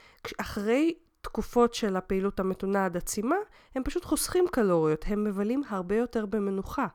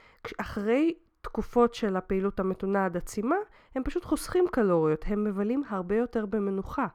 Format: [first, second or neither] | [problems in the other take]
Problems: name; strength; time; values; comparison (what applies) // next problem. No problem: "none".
first | muffled; slightly; fading above 3.5 kHz